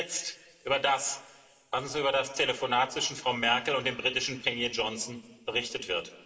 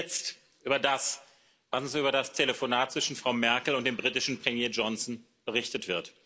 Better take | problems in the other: second | room echo; dies away in 1.8 s

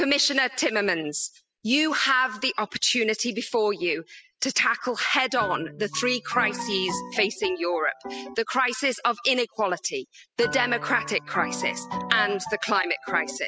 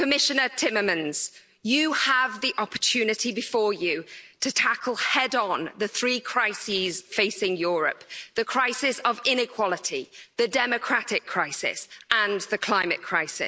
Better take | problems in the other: second | noise reduction (classical method spectral subtraction)

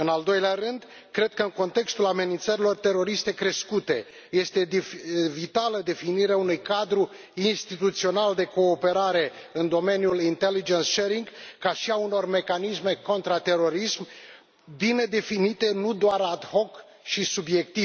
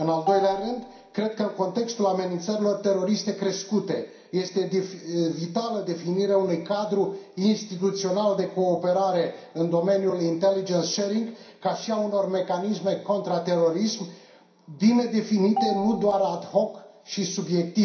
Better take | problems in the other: first | background sound (Marimba, xylophone); 9 dB below the speech // room echo; dies away in 0.5 s

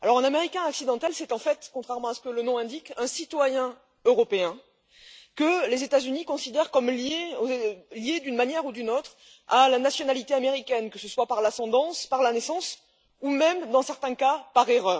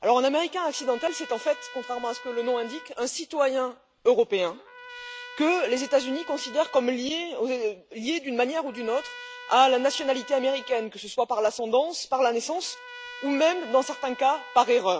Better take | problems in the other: first | background sound (Trumpet); 18 dB below the speech

